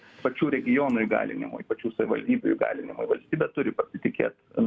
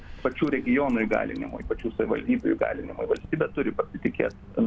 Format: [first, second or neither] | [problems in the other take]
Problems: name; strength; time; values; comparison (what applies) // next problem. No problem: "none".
first | background sound (Drip / Water); 16 dB below the speech